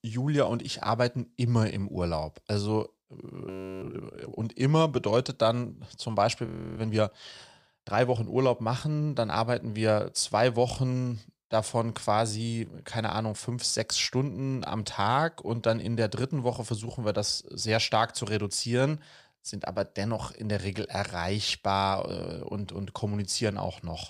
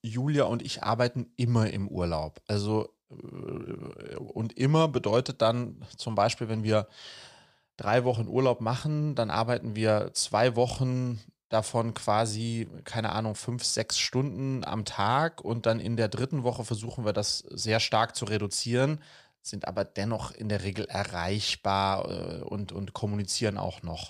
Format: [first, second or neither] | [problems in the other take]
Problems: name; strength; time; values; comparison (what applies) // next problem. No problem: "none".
second | audio freezing; at 3.5 s and at 6.5 s